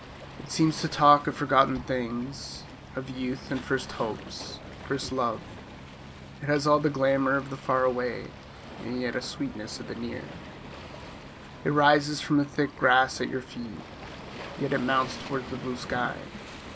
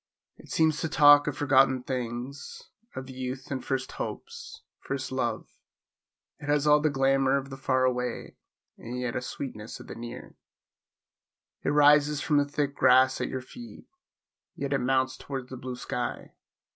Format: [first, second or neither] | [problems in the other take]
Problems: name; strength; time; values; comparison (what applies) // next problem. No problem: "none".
second | background sound (Waves, surf); 13 dB below the speech